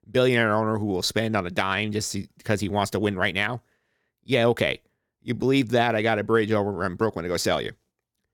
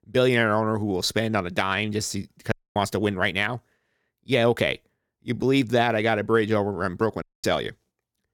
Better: first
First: none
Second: audio cutting out; at 2.5 s and at 7 s

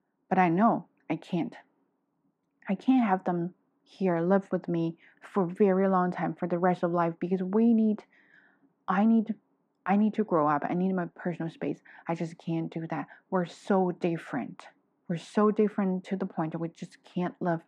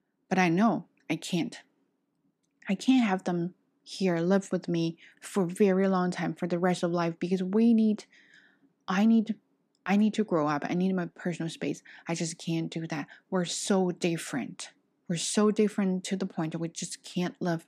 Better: second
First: muffled; very; fading above 3.5 kHz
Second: none

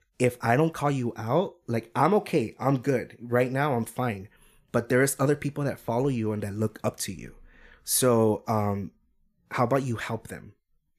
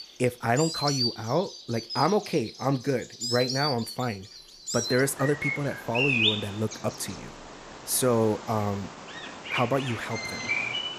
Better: first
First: none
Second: animal sounds; loud; throughout; 3 dB below the speech

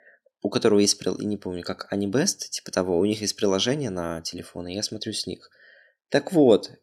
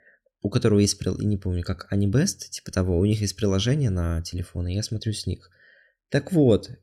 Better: second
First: thin; somewhat; fading below 300 Hz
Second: none

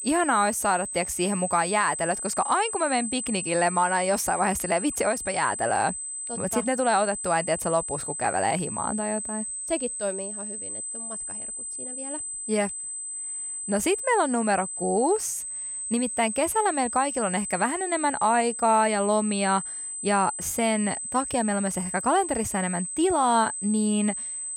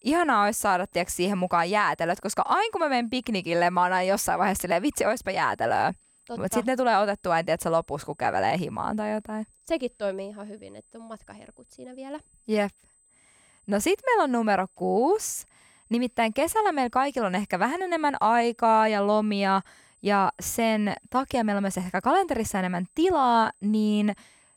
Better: second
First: high-pitched whine; loud; throughout; 8 kHz, 5 dB below the speech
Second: high-pitched whine; faint; throughout; 8 kHz, 35 dB below the speech

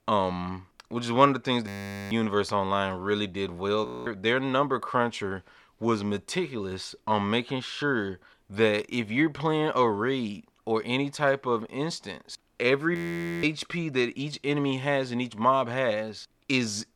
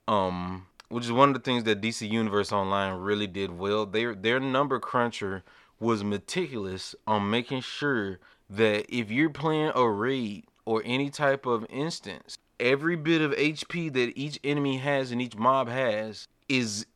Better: second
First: audio freezing; at 1.5 s, at 4 s and at 13 s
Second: none

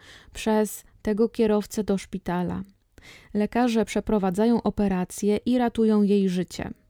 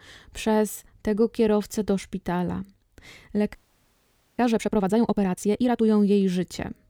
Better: first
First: none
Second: audio freezing; at 3.5 s for 1 s

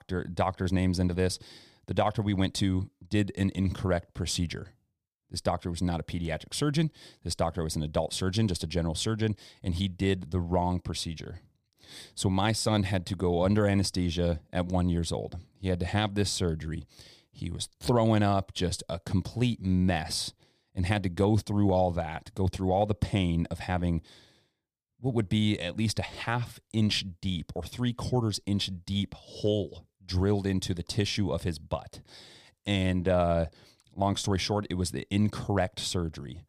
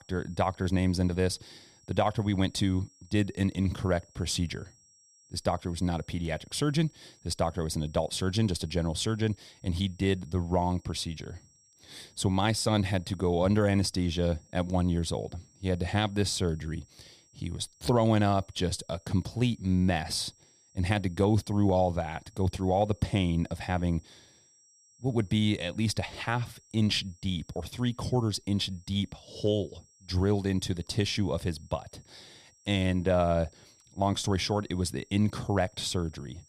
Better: first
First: none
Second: high-pitched whine; faint; throughout; 5.5 kHz, 30 dB below the speech

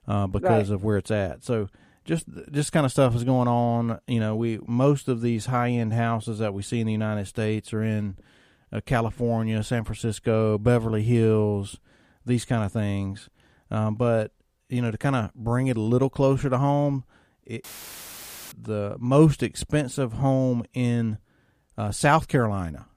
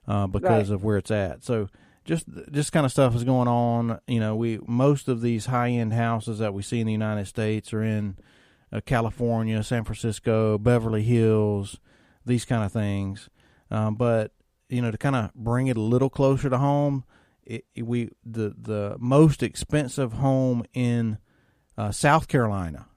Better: second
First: audio cutting out; filled with static; at 18 s for 1 s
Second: none

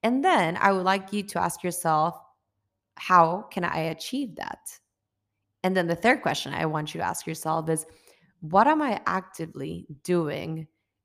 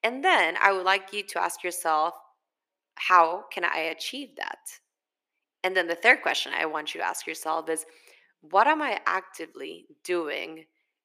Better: first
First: none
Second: thin; somewhat; fading below 350 Hz

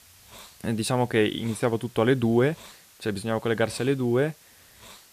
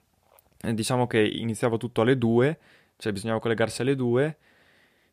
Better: second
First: hiss; faint; throughout; 25 dB below the speech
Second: none

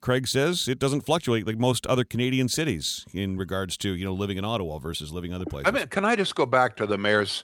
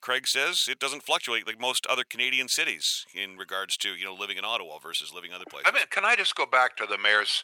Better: first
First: none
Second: thin; very; fading below 850 Hz

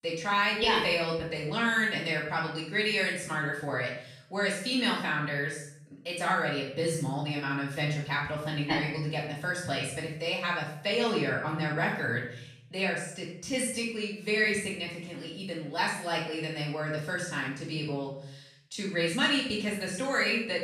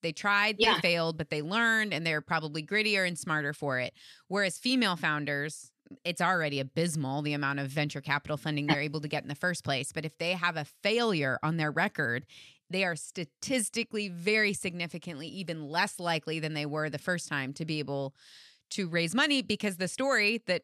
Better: second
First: off-mic speech; far // room echo; noticeable; dies away in 0.6 s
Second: none

